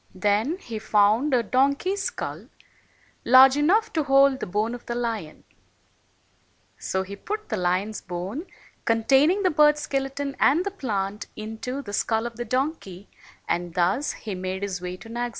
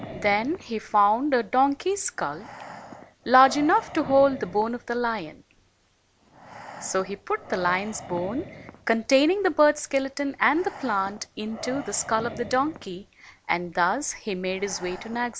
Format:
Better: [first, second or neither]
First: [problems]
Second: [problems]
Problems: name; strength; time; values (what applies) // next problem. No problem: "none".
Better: first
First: none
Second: background sound (Breathing); 17 dB below the speech